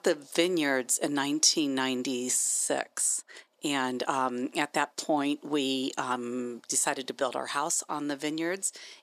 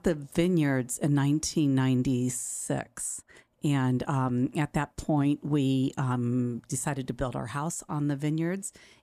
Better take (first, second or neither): second